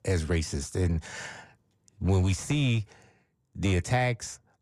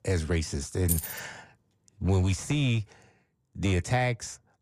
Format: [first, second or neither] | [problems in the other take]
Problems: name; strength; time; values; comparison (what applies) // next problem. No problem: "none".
first | jangling keys; noticeable; at 1 s; peak 2 dB below the speech